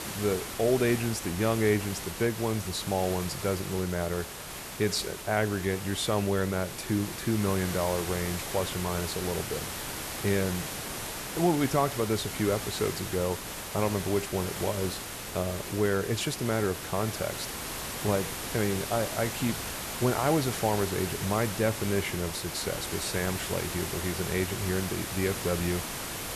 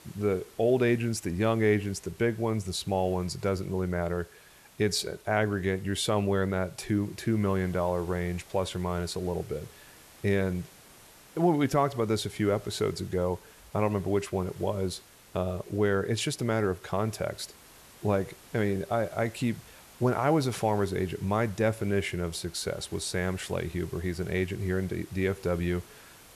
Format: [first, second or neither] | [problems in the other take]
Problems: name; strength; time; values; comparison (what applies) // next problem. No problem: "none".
second | hiss; loud; throughout; 5 dB below the speech; faint in the second